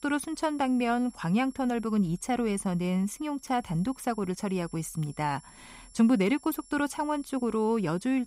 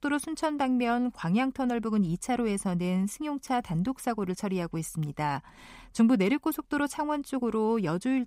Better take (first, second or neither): second